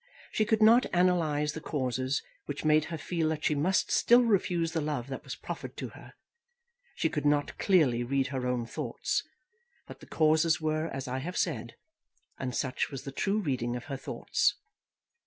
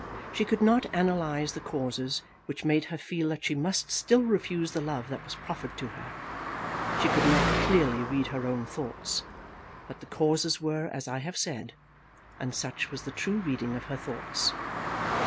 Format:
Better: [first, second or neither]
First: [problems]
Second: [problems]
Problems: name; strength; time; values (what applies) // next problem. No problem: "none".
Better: first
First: none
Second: background sound (Car passing by); 6 dB below the speech